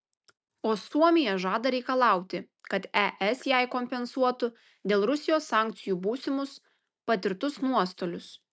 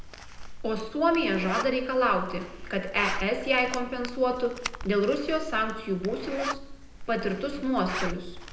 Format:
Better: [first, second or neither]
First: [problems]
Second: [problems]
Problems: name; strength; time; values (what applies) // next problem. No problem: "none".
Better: first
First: none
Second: background sound (Zipper (clothing)); 8 dB below the speech // room echo; dies away in 0.8 s